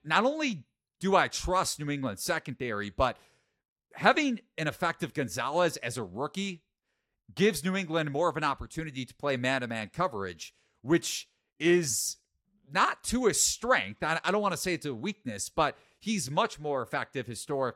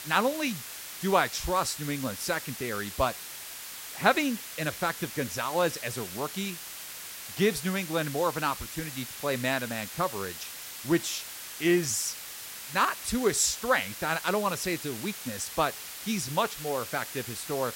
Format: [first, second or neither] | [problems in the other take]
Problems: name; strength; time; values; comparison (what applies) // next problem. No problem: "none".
first | hiss; loud; throughout; 9 dB below the speech